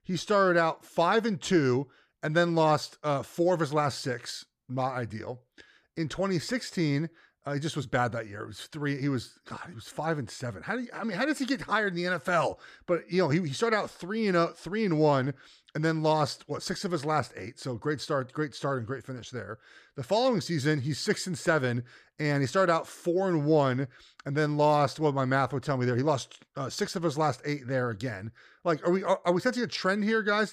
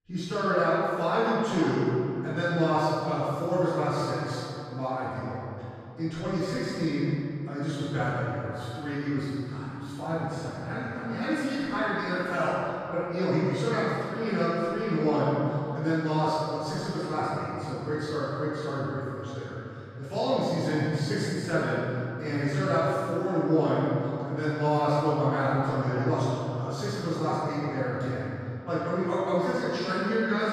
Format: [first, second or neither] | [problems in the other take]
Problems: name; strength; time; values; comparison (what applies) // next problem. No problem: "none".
first | off-mic speech; far // room echo; strong; dies away in 2.7 s